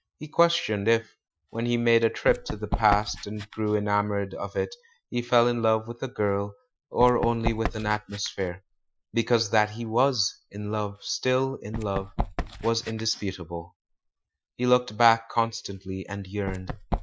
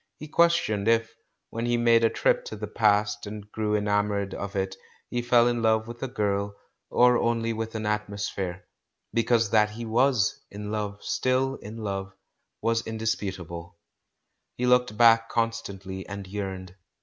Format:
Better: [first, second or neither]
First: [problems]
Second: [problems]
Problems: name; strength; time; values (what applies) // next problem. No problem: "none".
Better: second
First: noise reduction (classical method Wiener filter)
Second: none